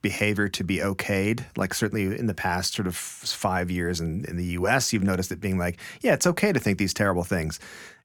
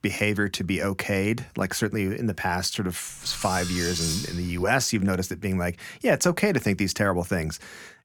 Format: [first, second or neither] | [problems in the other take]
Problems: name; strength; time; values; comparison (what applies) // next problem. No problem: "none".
first | clattering dishes; noticeable; from 3 to 4.5 s; peak 1 dB below the speech